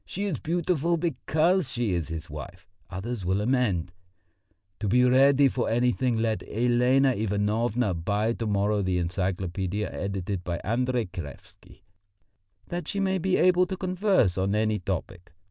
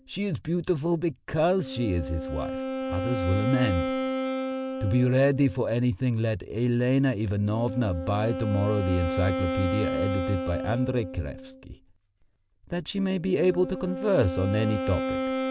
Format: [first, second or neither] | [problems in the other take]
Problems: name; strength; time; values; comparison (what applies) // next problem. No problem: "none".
first | background sound (Wind instrument, woodwind instrument); 5 dB below the speech